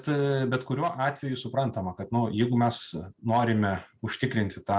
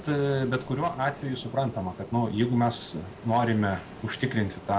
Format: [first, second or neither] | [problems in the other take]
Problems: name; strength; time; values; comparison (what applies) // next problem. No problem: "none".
first | background sound (Ocean); 16 dB below the speech